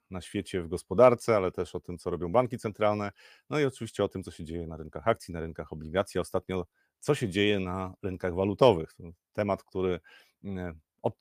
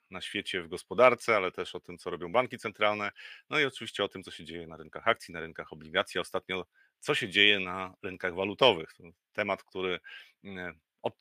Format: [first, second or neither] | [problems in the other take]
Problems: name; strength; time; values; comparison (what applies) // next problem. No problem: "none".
first | thin; very slightly; fading below 300 Hz